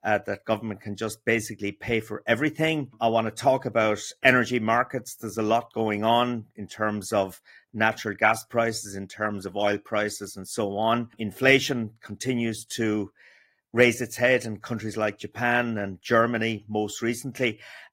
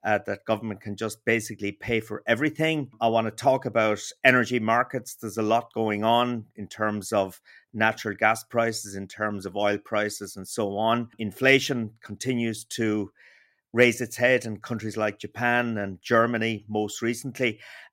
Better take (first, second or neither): second